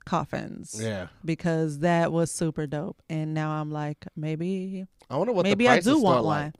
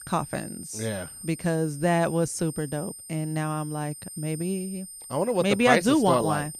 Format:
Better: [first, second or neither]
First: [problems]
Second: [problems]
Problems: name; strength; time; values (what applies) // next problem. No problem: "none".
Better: first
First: none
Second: high-pitched whine; noticeable; throughout; 8.5 kHz, 15 dB below the speech